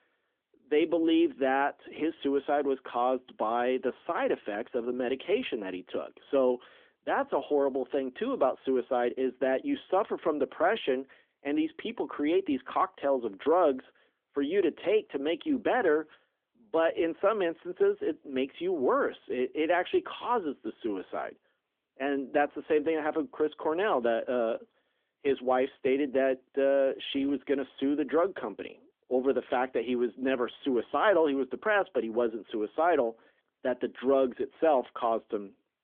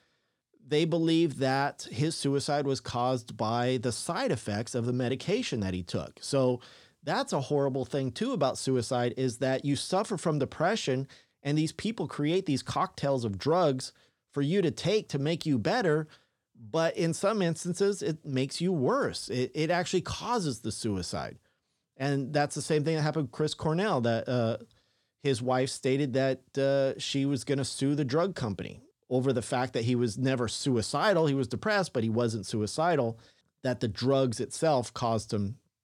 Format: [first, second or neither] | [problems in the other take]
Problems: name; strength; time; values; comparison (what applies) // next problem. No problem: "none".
second | phone-call audio; nothing above 3.5 kHz